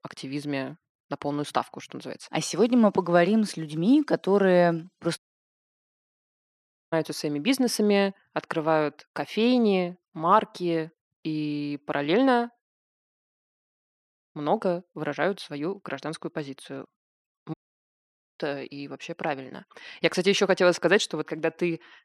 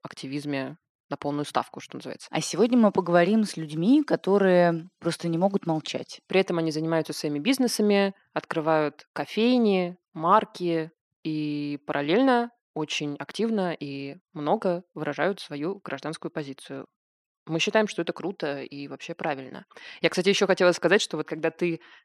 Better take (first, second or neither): second